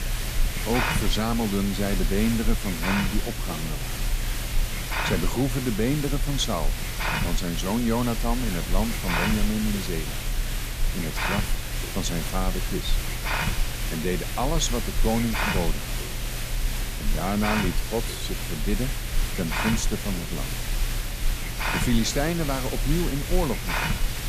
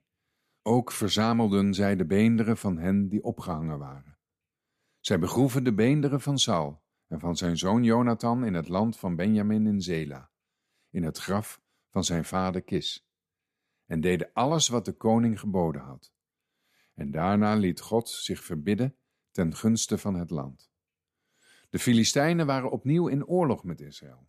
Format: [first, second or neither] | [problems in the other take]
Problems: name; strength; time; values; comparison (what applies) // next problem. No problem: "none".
second | hiss; loud; throughout; as loud as the speech